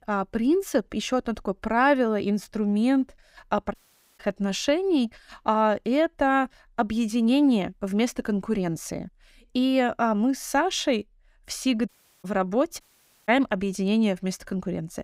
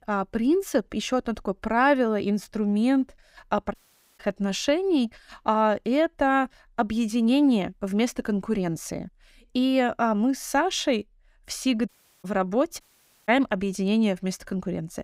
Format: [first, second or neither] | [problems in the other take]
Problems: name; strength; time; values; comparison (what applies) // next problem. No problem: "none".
neither | audio cutting out; at 3.5 s, at 12 s and at 13 s; the same in both